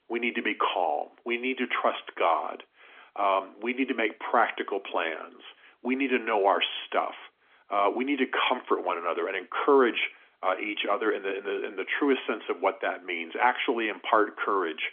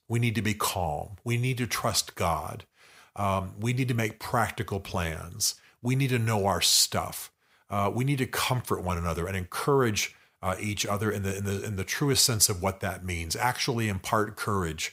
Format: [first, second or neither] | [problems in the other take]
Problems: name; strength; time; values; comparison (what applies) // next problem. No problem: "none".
second | phone-call audio; nothing above 3.5 kHz